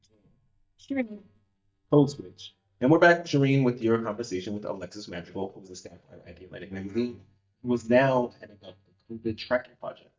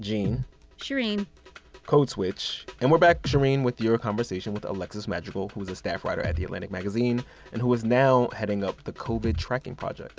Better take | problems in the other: second | noise reduction (neural mask model DeepFilterNet 3)

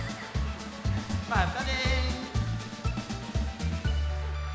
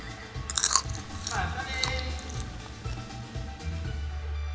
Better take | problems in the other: first | background sound (Chewing, mastication); 1 dB above the speech // room echo; dies away in 1.3 s

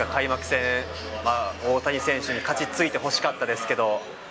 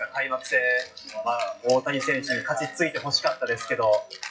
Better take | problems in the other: first | noise reduction (classical method WPE with log-MMSE)

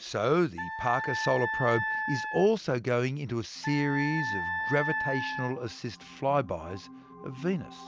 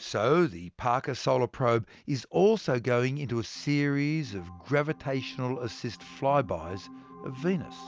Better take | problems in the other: second | background sound (Wind instrument, woodwind instrument); 4 dB below the speech

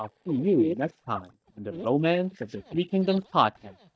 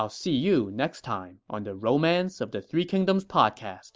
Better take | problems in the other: second | noise reduction (neural mask model DeepFilterNet 3)

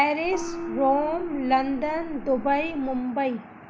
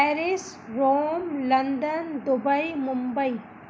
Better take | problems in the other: second | background sound (Gong); 10 dB below the speech

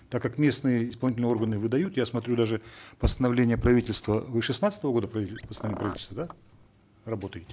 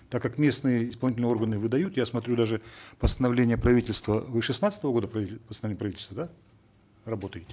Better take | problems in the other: second | background sound (Car); 14 dB below the speech

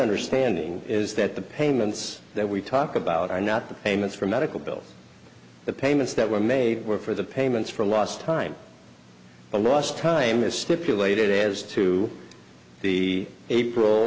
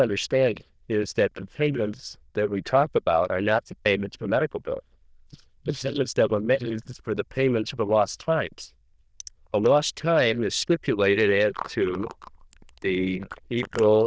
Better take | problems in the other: first | noise reduction (neural diffusion model UNIVERSE++)

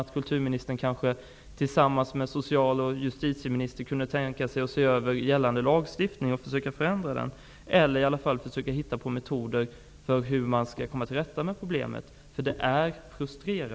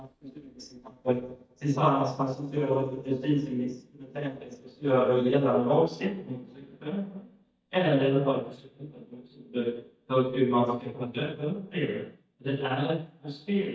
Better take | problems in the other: first | noise reduction (neural mask model DeepFilterNet 3)

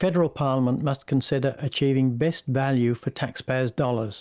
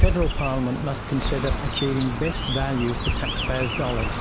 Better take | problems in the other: first | background sound (Chirp, tweet); 1 dB above the speech

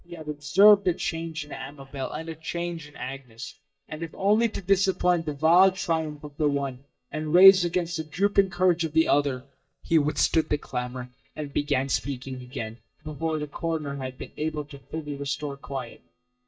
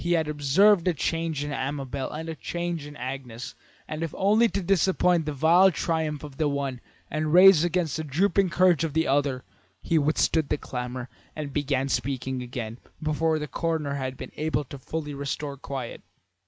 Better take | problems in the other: second | noise reduction (neural mask model DeepFilterNet 3)

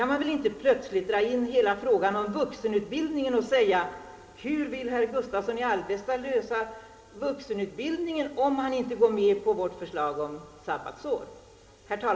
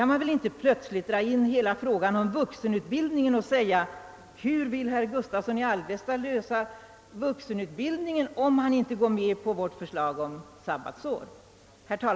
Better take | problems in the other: second | room echo; dies away in 2 s

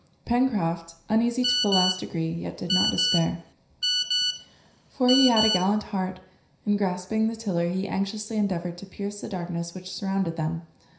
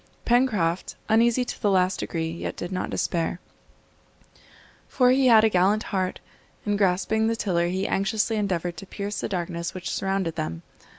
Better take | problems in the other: second | background sound (Telephone); 1 dB below the speech // room echo; dies away in 0.5 s

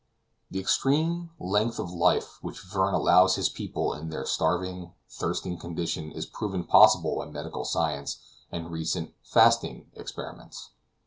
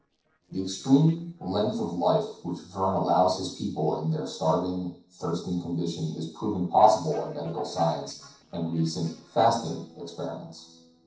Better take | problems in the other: first | noise reduction (neural separator model SepFormer DNS4)

